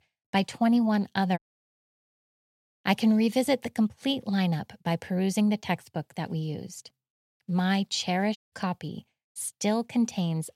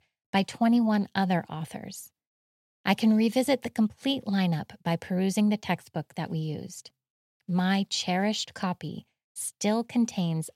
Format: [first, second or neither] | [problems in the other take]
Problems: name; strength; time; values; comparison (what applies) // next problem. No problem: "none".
second | audio cutting out; at 1.5 s for 1 s and at 8.5 s